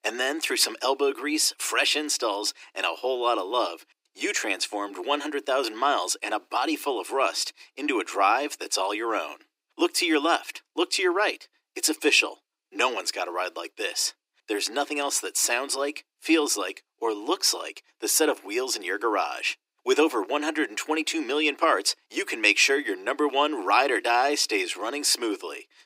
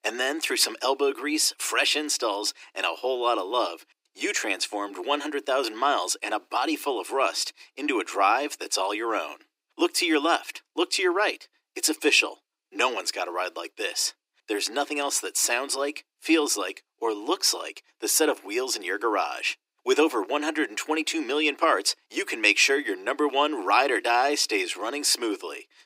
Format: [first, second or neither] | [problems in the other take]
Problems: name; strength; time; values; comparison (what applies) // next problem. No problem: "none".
neither | thin; very; fading below 300 Hz; the same in both